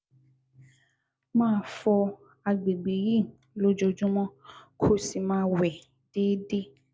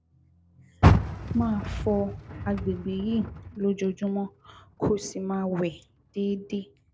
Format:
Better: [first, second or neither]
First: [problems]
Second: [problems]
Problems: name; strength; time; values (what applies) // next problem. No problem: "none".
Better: first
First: none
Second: background sound (Car); as loud as the speech